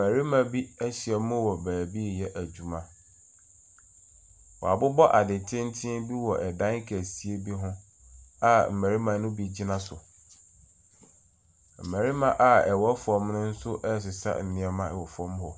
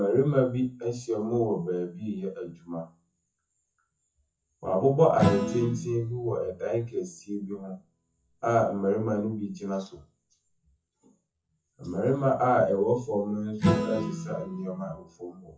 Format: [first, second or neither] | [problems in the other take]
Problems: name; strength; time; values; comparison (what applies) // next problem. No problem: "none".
first | noise reduction (classical method WPE with log-MMSE)